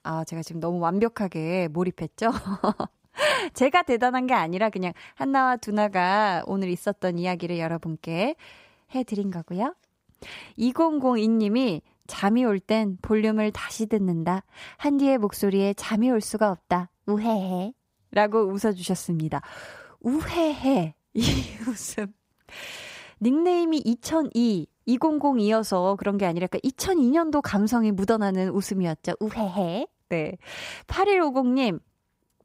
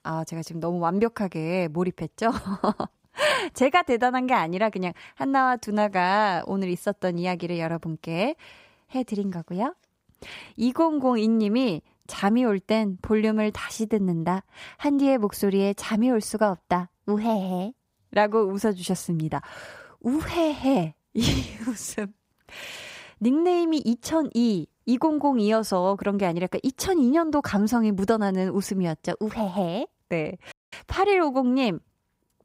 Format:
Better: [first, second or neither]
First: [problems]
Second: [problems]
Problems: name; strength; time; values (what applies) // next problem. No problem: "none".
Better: first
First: none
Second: audio cutting out; at 31 s